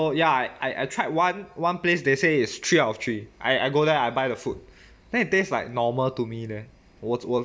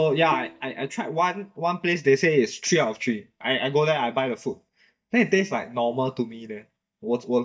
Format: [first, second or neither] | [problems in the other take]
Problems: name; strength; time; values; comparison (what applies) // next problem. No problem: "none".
first | noise reduction (neural mask model DeepFilterNet 3)